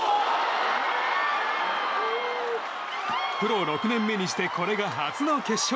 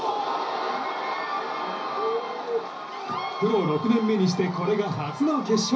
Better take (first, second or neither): first